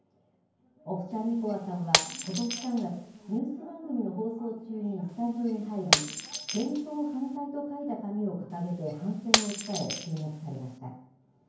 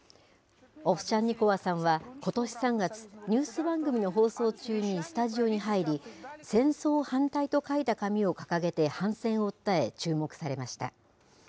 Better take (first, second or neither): second